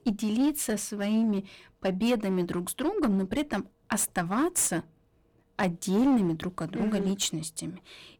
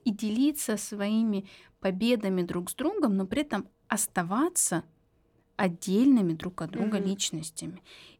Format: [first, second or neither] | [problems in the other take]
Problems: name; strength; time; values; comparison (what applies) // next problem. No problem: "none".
second | distortion; slight; 8% of the sound clipped